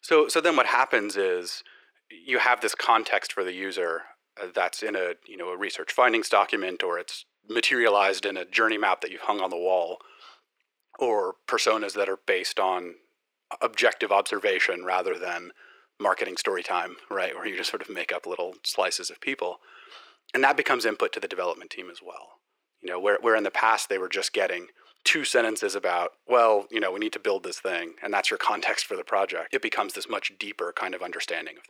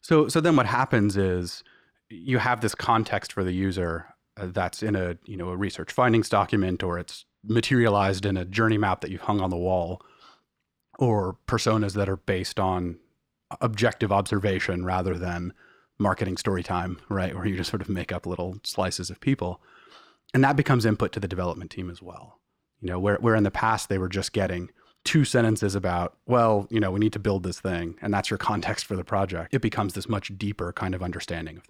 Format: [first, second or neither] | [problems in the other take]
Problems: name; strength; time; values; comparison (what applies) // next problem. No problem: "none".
second | thin; very; fading below 400 Hz